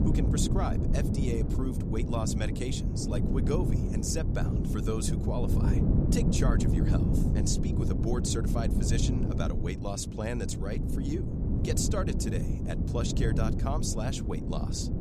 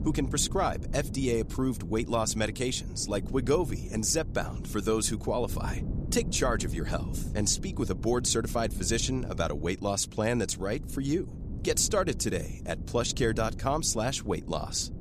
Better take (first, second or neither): second